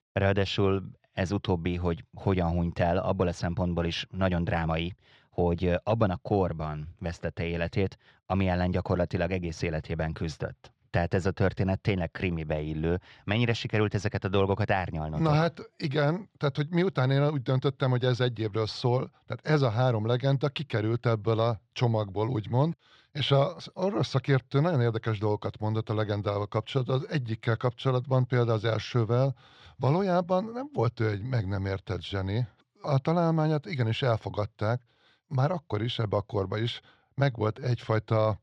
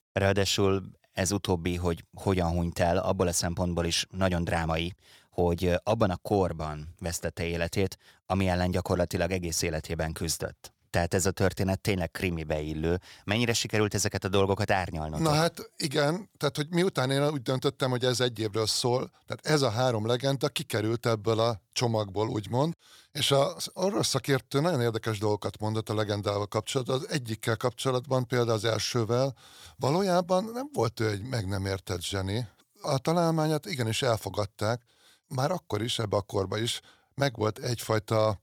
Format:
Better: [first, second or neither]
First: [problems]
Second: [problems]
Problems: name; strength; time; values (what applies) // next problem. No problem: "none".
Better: second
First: muffled; slightly; fading above 3.5 kHz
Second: none